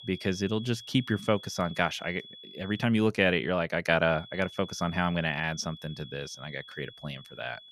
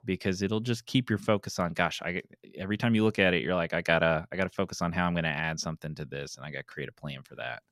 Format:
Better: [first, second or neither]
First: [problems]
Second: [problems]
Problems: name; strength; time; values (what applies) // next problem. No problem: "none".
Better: second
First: high-pitched whine; noticeable; until 3 s and from 4 s on; 3.5 kHz, 15 dB below the speech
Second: none